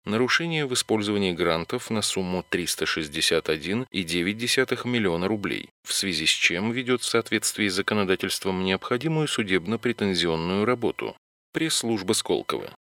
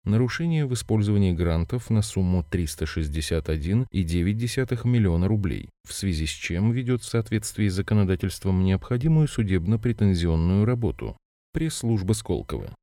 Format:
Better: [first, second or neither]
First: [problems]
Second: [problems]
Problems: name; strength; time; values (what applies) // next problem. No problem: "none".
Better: second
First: thin; somewhat; fading below 350 Hz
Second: none